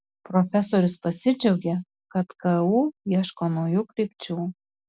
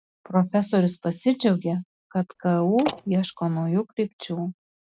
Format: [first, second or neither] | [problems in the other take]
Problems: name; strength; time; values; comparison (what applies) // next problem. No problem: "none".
first | noise reduction (neural mask model RNNoise)